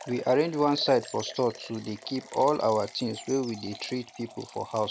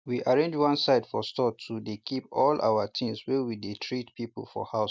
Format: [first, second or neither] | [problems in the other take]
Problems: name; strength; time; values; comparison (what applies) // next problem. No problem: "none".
second | background sound (Liquid + Bird); 18 dB below the speech